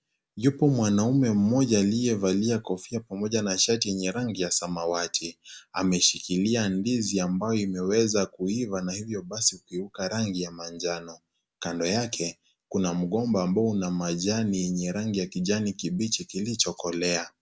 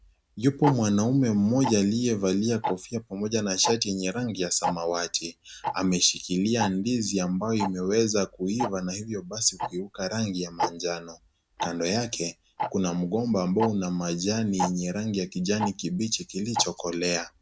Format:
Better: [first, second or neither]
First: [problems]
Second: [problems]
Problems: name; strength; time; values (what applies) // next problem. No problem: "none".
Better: first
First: none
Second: background sound (Tick-tock); 10 dB below the speech